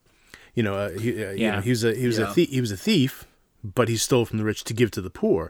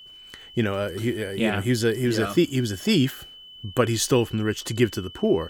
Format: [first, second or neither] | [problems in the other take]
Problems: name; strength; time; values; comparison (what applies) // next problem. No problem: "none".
first | high-pitched whine; noticeable; throughout; 3 kHz, 20 dB below the speech